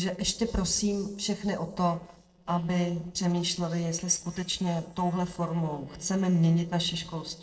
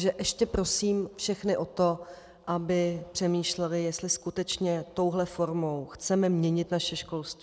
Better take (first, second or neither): second